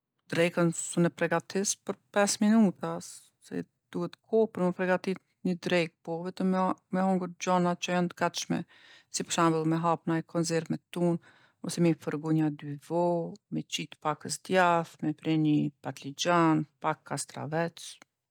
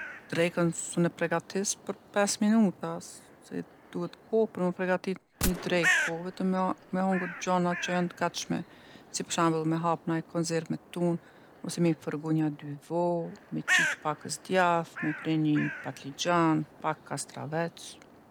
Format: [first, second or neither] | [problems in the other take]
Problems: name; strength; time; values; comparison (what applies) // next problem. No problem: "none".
first | background sound (Bird + Gunshot, gunfire); 9 dB below the speech